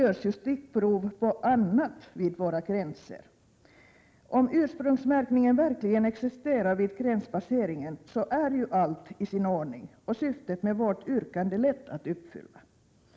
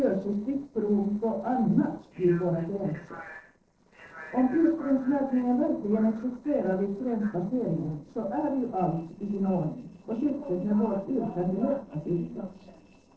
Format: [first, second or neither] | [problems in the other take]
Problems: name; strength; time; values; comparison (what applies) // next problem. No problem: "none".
first | noise reduction (neural separator model SepFormer DNS4)